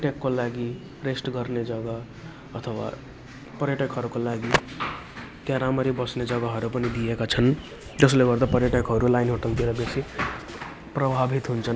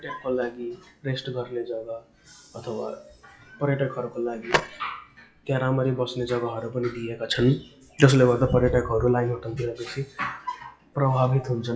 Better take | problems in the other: first | noise reduction (classical method WPE with log-MMSE)

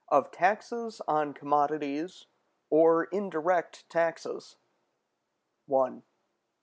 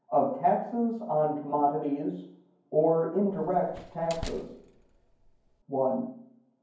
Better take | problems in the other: first | background sound (Slam); 15 dB below the speech // room echo; dies away in 0.9 s

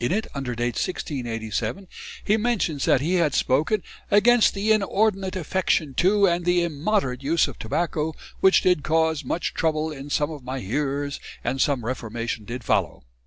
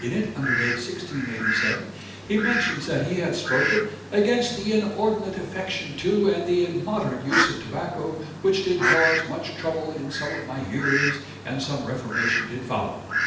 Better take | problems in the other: first | background sound (Fowl); 3 dB below the speech // room echo; dies away in 0.8 s

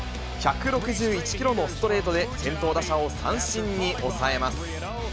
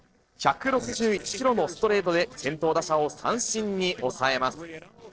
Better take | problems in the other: first | noise reduction (neural separator model SepFormer DNS4)

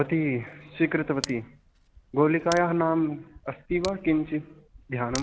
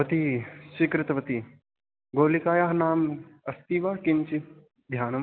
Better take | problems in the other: second | background sound (Tick); 17 dB below the speech

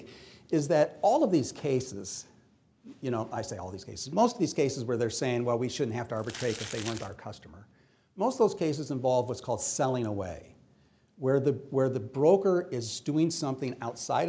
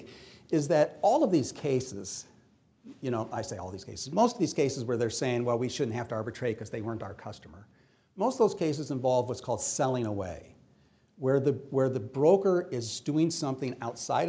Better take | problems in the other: second | background sound (Crumpling, crinkling); 12 dB below the speech

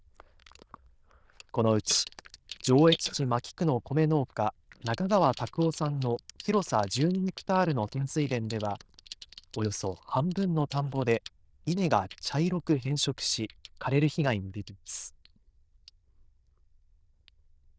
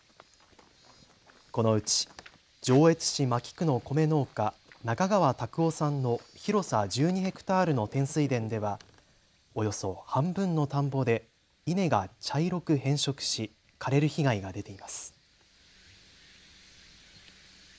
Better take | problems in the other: second | noise reduction (neural diffusion model UNIVERSE++)

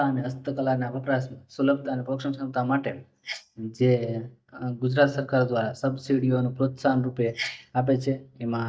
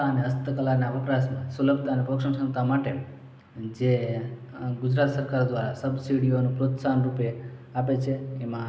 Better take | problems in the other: second | noise reduction (neural mask model DeepFilterNet 3)

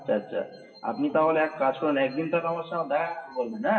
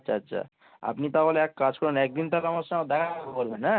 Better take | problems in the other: second | noise reduction (classical method WPE with log-MMSE)

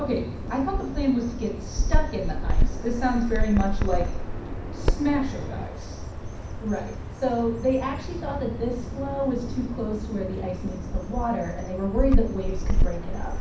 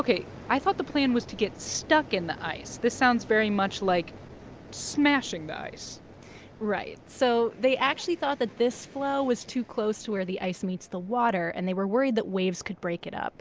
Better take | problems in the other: second | background sound (Bird vocalization, bird call, bird song); 2 dB above the speech // room echo; dies away in 0.6 s

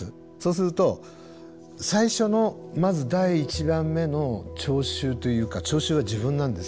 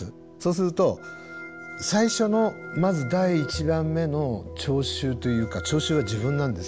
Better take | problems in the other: first | background sound (Organ); 16 dB below the speech

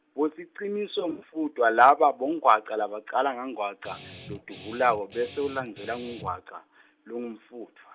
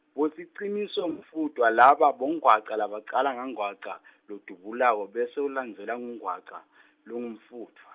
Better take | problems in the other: second | background sound (Guitar); 17 dB below the speech

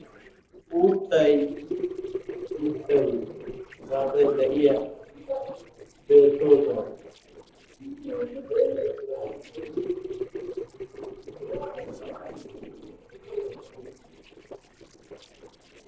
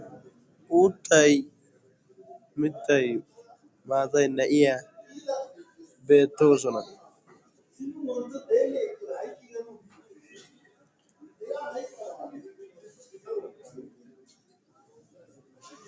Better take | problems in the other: second | noise reduction (neural separator model SepFormer DNS4)

